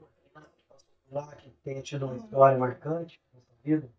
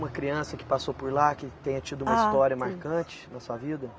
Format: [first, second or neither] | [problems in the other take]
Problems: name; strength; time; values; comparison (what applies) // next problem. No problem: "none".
second | noise reduction (neural mask model DeepFilterNet 3)